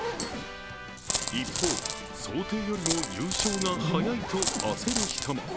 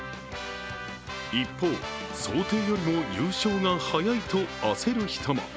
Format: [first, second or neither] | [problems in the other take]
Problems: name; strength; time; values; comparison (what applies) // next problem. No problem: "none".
second | background sound (Coin (dropping) + Zipper (clothing)); as loud as the speech